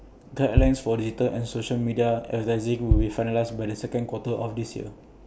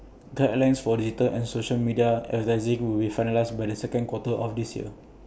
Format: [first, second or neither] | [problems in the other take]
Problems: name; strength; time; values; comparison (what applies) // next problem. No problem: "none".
second | background sound (Bass drum); 3 dB below the speech